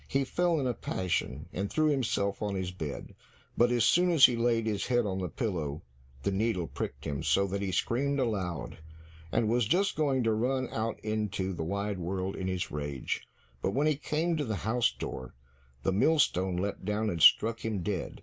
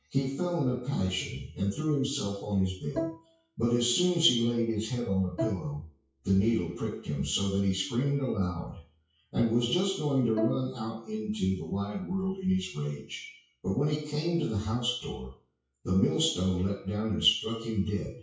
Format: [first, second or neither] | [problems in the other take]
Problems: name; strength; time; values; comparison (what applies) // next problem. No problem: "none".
first | noise reduction (classical method WPE with log-MMSE)